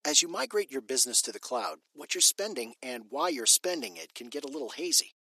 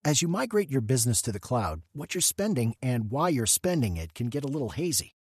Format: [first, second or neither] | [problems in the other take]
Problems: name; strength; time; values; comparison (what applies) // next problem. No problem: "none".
second | thin; somewhat; fading below 300 Hz